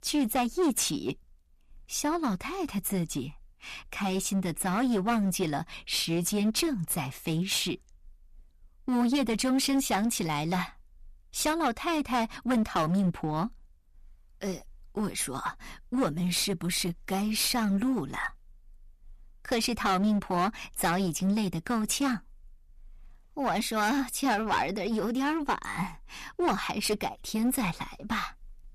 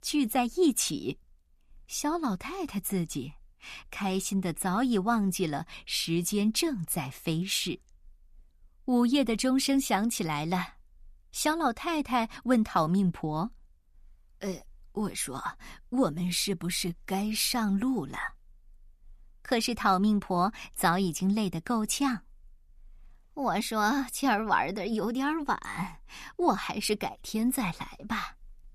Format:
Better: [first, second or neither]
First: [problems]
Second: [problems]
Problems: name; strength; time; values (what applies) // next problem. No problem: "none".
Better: second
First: distortion; slight; 9% of the sound clipped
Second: none